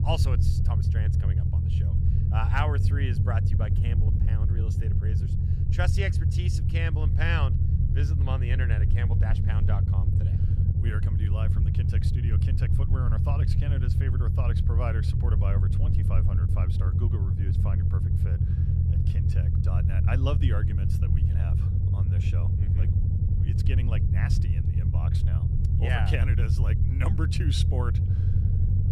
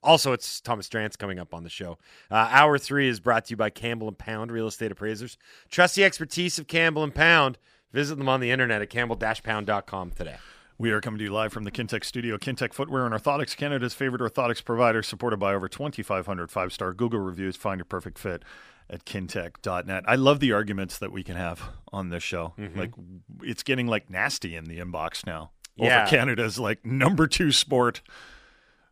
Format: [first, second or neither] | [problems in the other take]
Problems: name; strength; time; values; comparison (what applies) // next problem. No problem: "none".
second | low rumble; loud; throughout; 2 dB below the speech